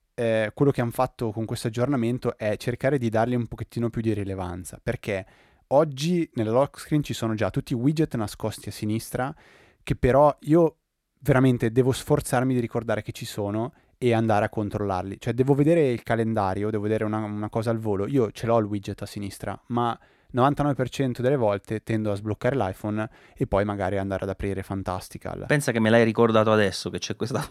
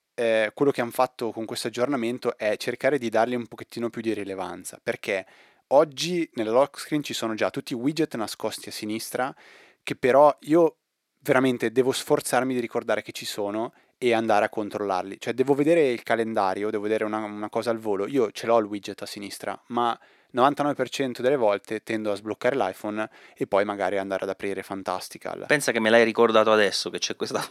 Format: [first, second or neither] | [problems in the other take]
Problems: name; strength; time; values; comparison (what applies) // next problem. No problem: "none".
first | thin; very slightly; fading below 300 Hz